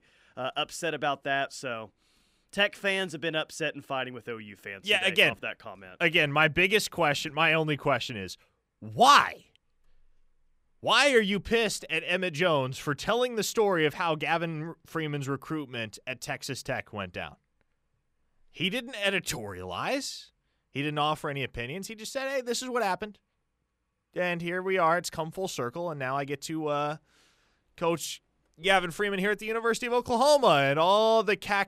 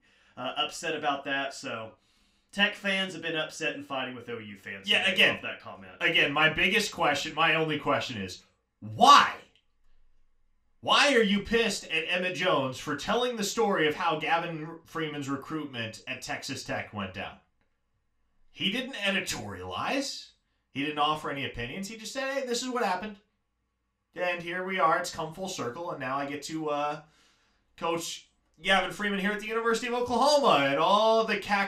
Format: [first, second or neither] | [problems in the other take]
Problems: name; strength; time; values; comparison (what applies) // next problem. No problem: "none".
first | room echo; very slight; dies away in 0.3 s // off-mic speech; somewhat distant